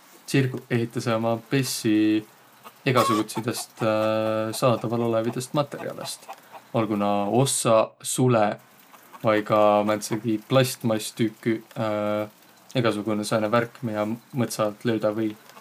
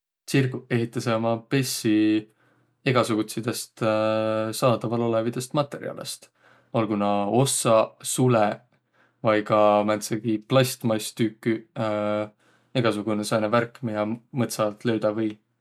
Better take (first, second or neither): second